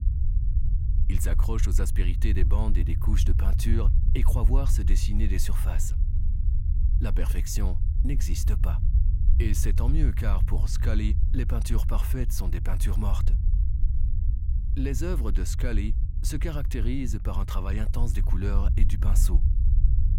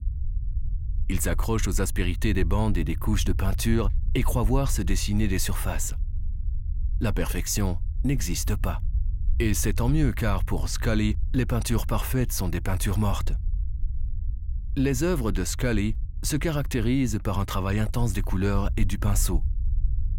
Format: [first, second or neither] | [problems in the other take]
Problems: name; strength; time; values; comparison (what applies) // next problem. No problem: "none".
second | low rumble; loud; throughout; 8 dB below the speech; faint in the second